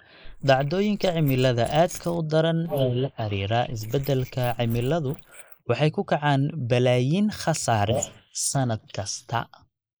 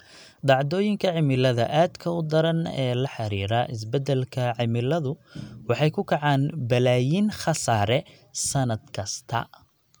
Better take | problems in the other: second | noise reduction (neural mask model Resemble Enhance denoiser)

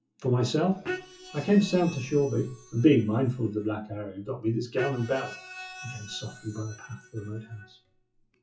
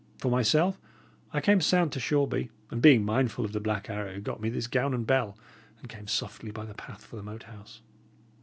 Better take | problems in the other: second | noise reduction (classical method WPE with log-MMSE)

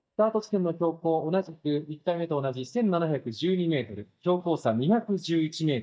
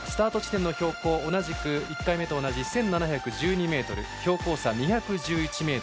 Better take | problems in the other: second | noise reduction (neural mask model DeepFilterNet 3)

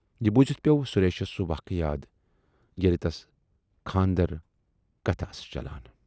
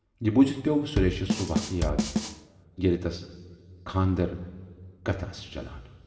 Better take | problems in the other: first | background sound (Drum kit); 2 dB below the speech // room echo; dies away in 1.3 s

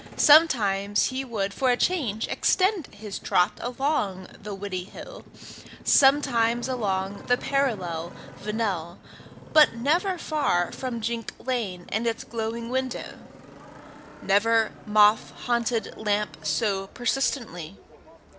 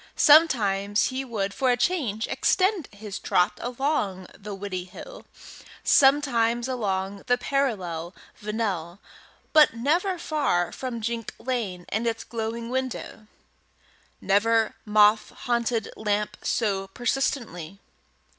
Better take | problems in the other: second | background sound (Motorcycle); 18 dB below the speech

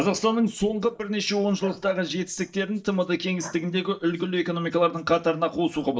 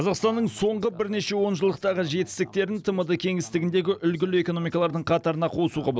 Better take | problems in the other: second | noise reduction (neural mask model DeepFilterNet 3)

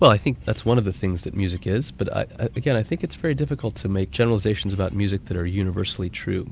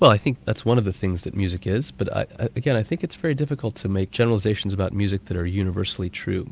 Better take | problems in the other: second | background sound (Bird); 19 dB below the speech

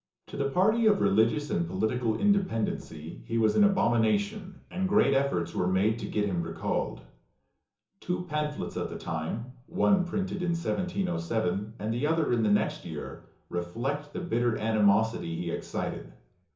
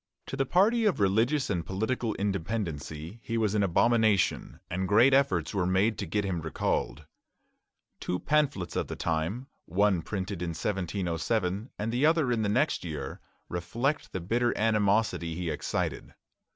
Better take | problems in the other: second | room echo; dies away in 0.6 s

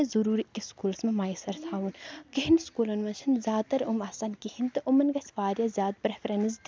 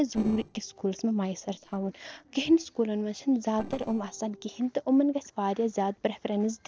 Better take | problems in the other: first | noise reduction (neural separator model SepFormer DNS4)

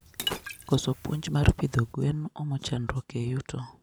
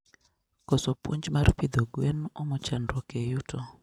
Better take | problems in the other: second | background sound (Liquid); 11 dB below the speech

